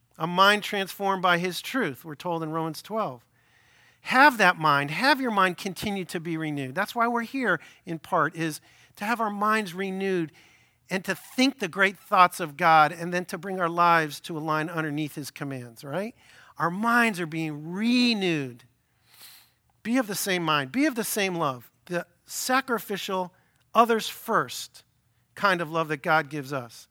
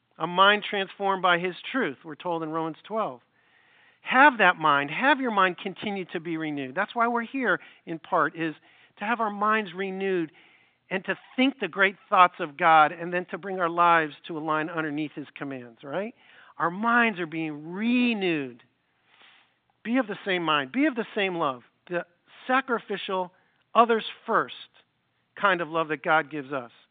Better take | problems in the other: first | phone-call audio

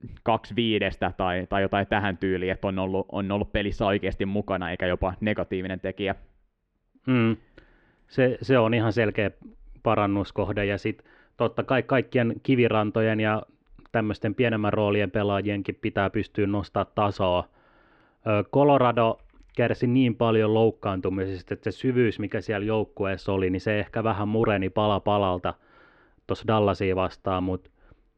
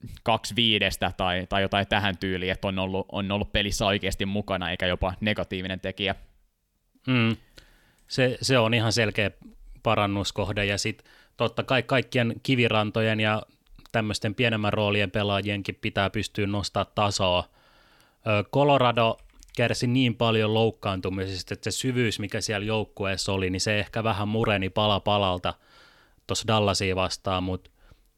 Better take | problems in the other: second | muffled; very; fading above 2 kHz

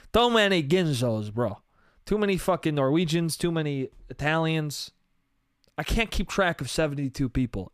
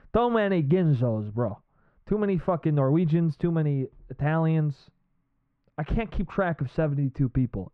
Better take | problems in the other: first | muffled; very; fading above 1.5 kHz

